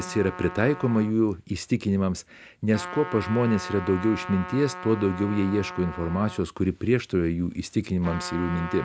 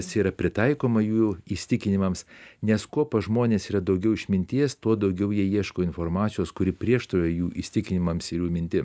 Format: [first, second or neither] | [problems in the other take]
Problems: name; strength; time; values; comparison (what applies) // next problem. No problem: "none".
second | background sound (Trumpet); 14 dB below the speech